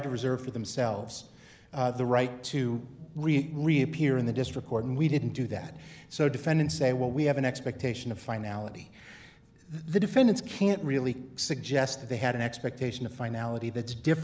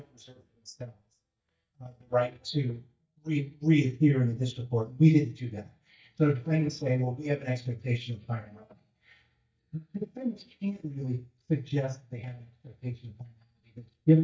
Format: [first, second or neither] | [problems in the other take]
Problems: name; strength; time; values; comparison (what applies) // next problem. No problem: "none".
first | noise reduction (neural mask model DeepFilterNet 3)